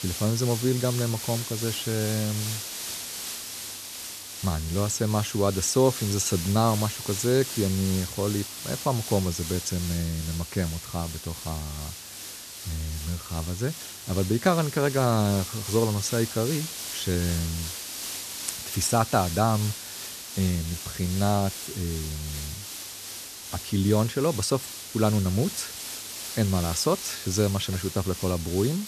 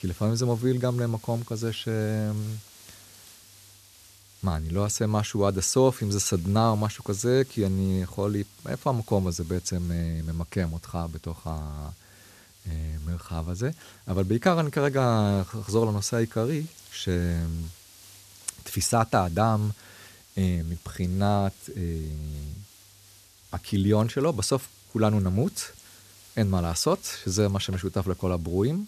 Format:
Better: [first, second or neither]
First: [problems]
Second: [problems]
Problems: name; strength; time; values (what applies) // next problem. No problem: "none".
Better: second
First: hiss; loud; throughout; 7 dB below the speech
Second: hiss; faint; throughout; 25 dB below the speech